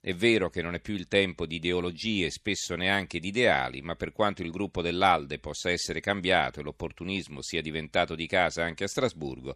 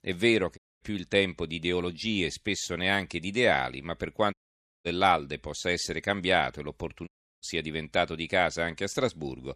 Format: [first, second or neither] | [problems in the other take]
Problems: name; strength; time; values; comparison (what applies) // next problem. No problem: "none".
first | audio cutting out; at 0.5 s, at 4.5 s for 0.5 s and at 7 s